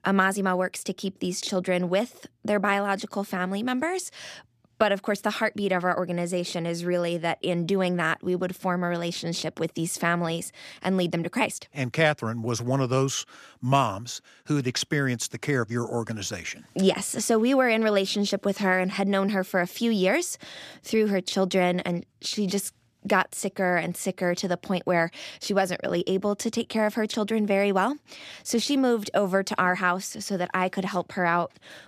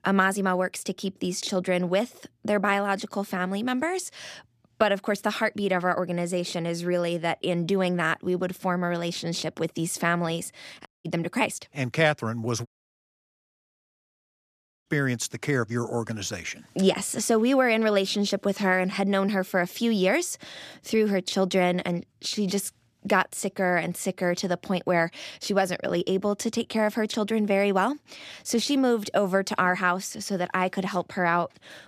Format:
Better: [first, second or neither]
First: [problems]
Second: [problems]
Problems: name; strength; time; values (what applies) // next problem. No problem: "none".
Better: first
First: none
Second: audio cutting out; at 11 s and at 13 s for 2 s